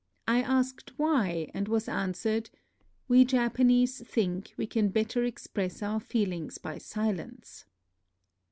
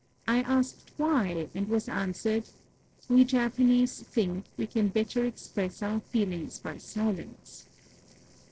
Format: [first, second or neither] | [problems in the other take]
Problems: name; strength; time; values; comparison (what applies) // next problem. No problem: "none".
first | noise reduction (neural separator model SepFormer DNS4)